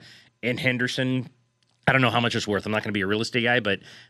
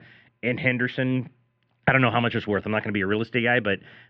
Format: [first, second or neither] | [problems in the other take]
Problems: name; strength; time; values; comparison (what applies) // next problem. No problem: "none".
first | muffled; very; fading above 2.5 kHz